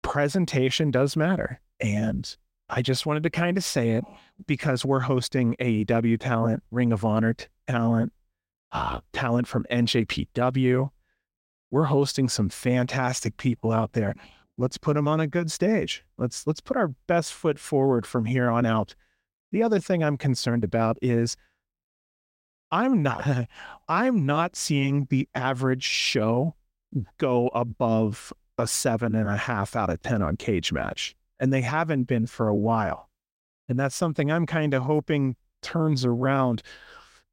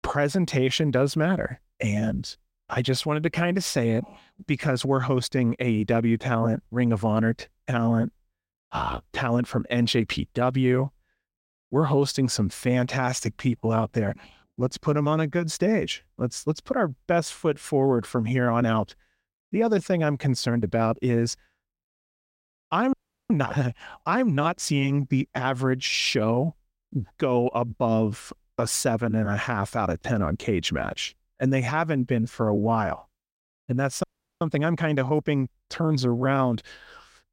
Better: first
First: none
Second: audio freezing; at 23 s and at 34 s

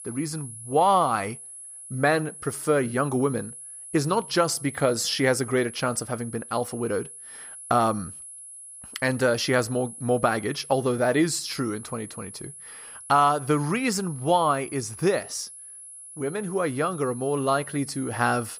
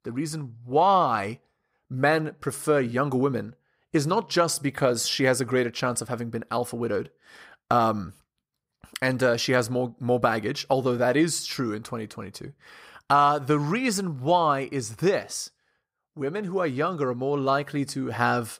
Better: second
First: high-pitched whine; noticeable; throughout; 10.5 kHz, 15 dB below the speech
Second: none

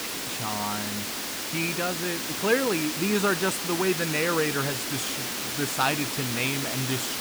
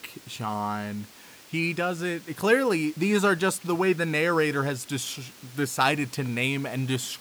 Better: second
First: hiss; loud; throughout; 1 dB below the speech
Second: hiss; faint; throughout; 20 dB below the speech

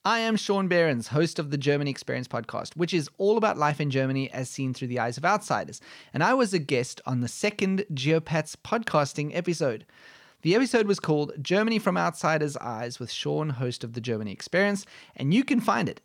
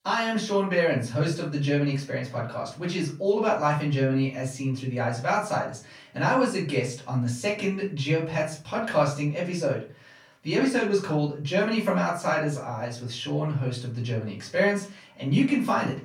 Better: first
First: none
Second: off-mic speech; far // room echo; slight; dies away in 0.3 s

